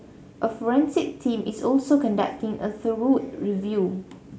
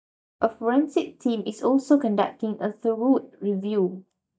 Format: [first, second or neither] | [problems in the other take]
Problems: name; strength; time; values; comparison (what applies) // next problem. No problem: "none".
first | noise reduction (neural mask model DeepFilterNet 3)